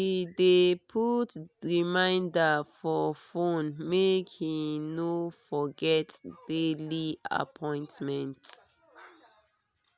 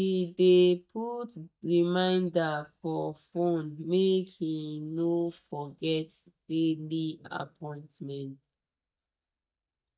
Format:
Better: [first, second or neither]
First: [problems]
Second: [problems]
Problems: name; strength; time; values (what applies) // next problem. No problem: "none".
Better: first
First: none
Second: noise reduction (neural mask model DeepFilterNet 3)